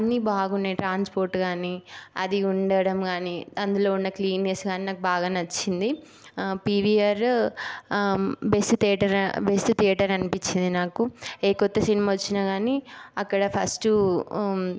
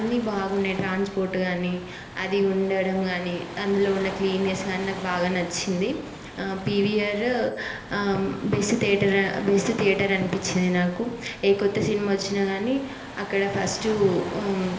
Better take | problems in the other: first | background sound (Waves, surf); 14 dB below the speech // room echo; dies away in 1.4 s

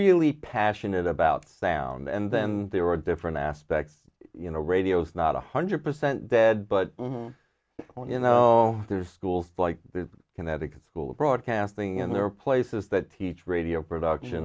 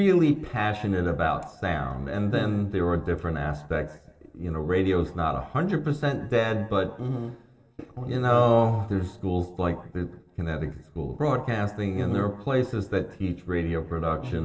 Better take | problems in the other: first | room echo; dies away in 1.4 s

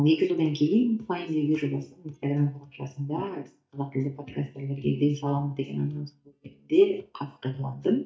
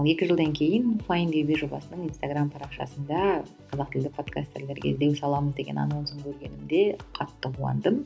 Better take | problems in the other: second | noise reduction (neural mask model DeepFilterNet 3)

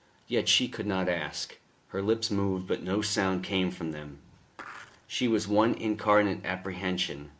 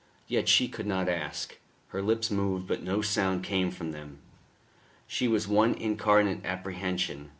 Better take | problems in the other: second | background sound (Skateboard); 17 dB below the speech

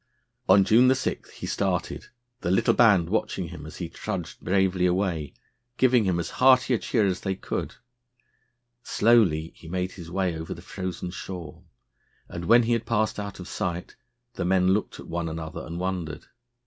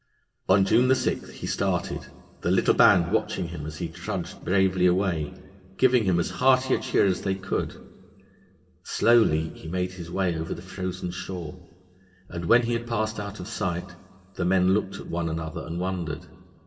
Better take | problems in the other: first | room echo; dies away in 1.8 s

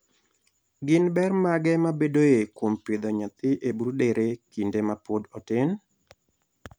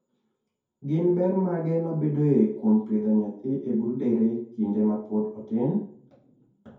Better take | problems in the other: first | room echo; dies away in 0.6 s

